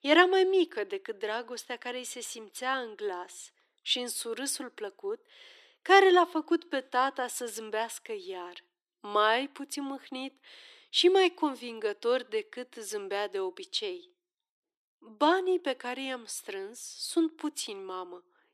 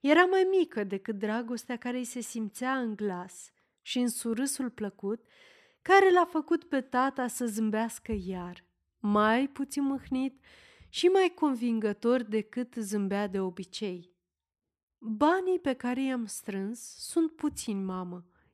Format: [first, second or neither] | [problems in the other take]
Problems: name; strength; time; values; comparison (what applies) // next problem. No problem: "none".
second | thin; somewhat; fading below 300 Hz